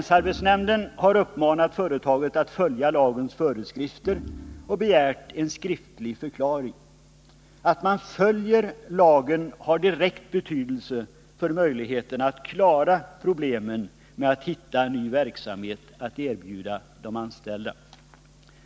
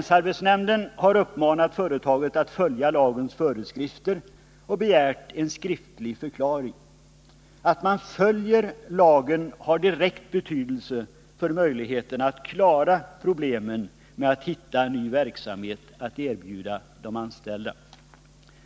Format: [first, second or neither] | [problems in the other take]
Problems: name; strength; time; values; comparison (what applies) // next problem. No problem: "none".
second | background sound (Organ); 18 dB below the speech